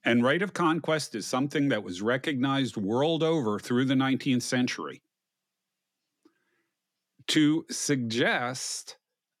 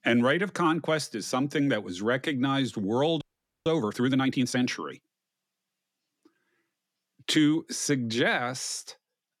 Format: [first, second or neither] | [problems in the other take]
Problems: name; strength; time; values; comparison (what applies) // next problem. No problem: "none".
first | audio freezing; at 3 s